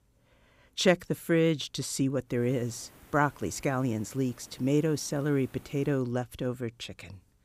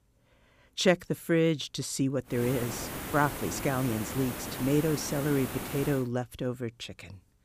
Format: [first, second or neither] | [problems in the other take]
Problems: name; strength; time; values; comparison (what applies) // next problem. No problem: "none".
first | hiss; loud; from 2.5 to 6 s; 7 dB below the speech; faint in the first